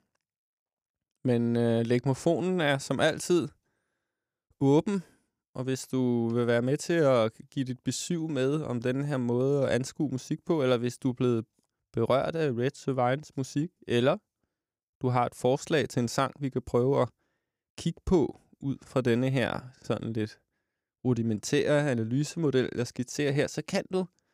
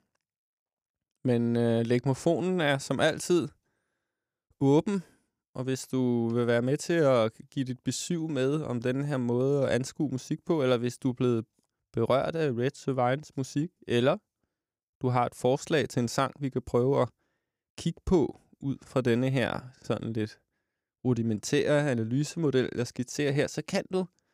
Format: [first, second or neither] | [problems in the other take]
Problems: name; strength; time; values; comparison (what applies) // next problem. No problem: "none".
neither | none